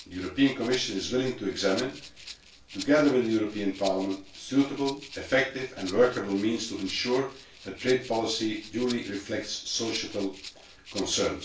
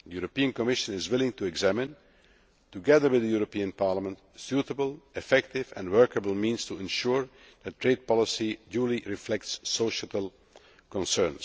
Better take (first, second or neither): second